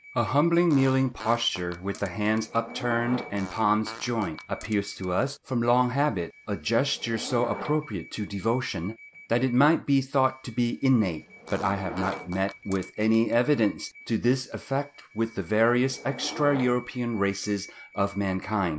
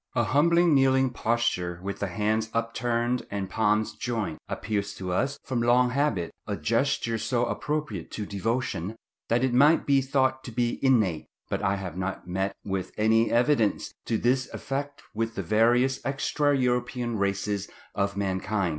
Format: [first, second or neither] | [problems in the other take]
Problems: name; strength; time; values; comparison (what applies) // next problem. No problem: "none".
second | background sound (Fart + Subway, metro, underground / Door); 17 dB below the speech